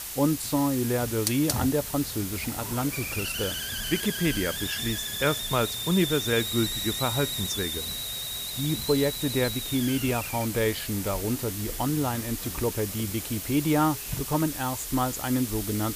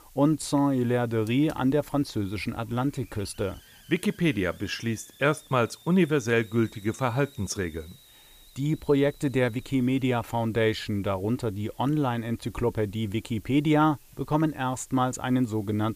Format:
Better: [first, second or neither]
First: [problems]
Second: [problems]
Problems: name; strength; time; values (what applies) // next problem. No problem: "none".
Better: second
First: hiss; loud; throughout; 3 dB below the speech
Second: hiss; faint; throughout; 25 dB below the speech